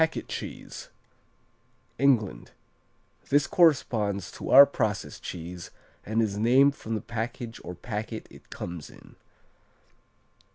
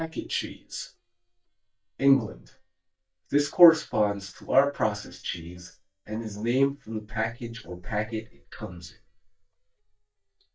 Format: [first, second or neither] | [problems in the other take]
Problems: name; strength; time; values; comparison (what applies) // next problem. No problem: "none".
first | noise reduction (neural mask model DeepFilterNet 3)